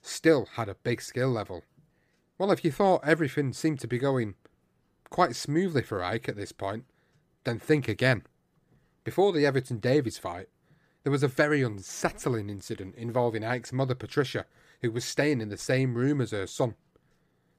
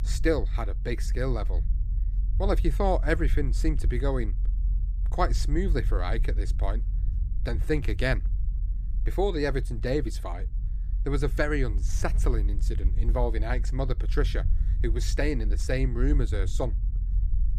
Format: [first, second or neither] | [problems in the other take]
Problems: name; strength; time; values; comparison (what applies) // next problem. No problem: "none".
first | low rumble; noticeable; throughout; 20 dB below the speech